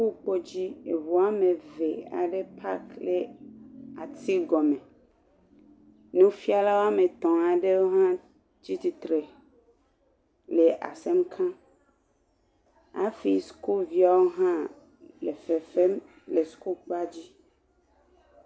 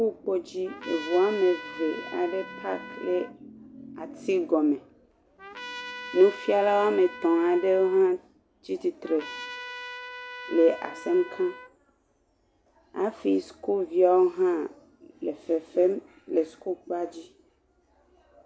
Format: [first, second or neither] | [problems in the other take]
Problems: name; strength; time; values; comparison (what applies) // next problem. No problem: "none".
first | background sound (Trumpet); 14 dB below the speech